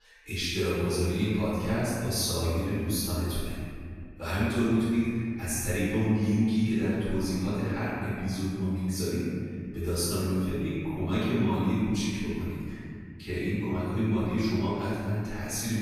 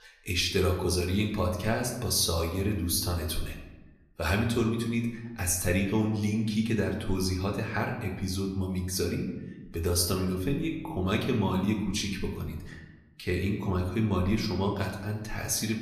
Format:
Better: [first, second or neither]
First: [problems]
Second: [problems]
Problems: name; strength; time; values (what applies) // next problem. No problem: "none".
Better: second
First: room echo; strong; dies away in 2.3 s // off-mic speech; far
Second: room echo; slight; dies away in 0.9 s // off-mic speech; somewhat distant